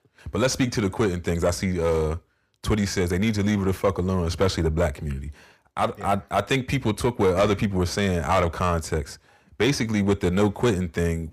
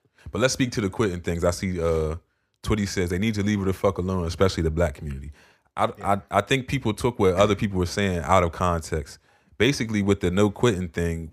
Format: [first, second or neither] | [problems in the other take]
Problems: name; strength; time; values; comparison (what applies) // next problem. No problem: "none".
second | distortion; slight; 10 dB below the speech